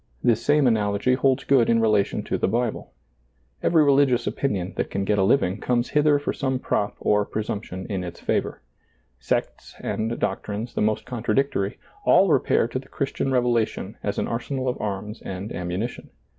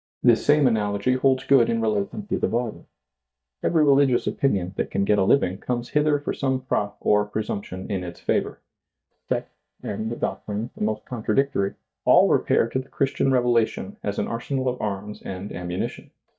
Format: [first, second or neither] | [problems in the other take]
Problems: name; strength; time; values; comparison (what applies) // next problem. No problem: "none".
first | noise reduction (neural mask model DeepFilterNet 3)